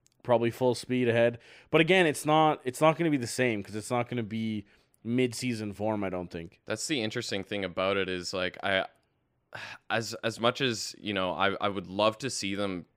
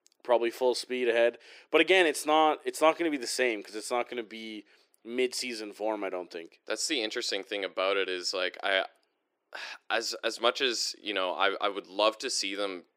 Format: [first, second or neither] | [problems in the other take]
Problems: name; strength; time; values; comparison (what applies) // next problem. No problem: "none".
first | thin; somewhat; fading below 350 Hz